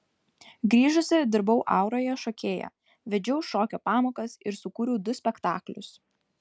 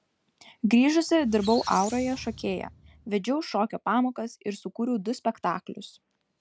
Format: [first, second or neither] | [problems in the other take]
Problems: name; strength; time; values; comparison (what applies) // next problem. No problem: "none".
first | background sound (Squeak); 16 dB below the speech